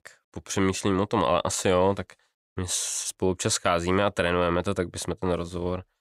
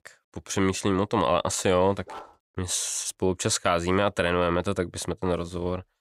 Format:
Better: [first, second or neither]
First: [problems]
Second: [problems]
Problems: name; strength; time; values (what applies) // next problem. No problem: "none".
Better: first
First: none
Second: dog barking; faint; at 2 s; peak 15 dB below the speech